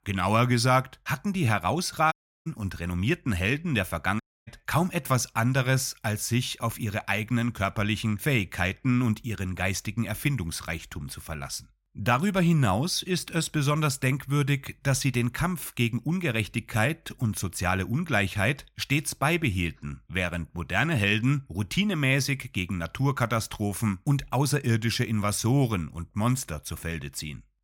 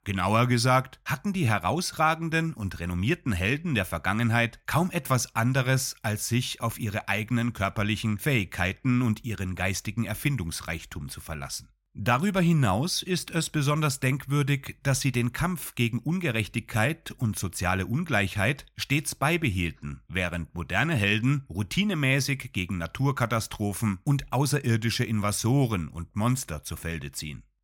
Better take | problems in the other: second | audio cutting out; at 2 s and at 4 s

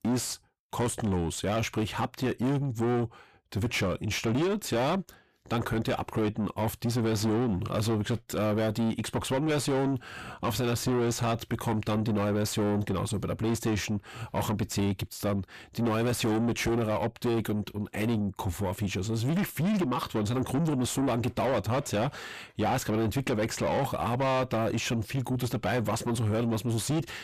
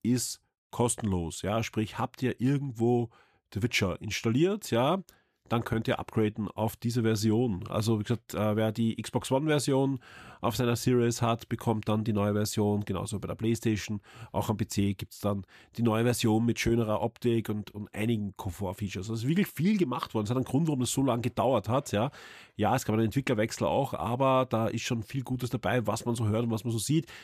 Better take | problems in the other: second | distortion; heavy; 7 dB below the speech

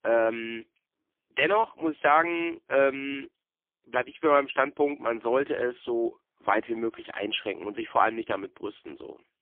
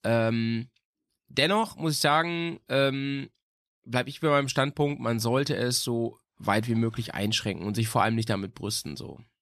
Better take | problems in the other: second | phone-call audio; poor line; nothing above 3.5 kHz

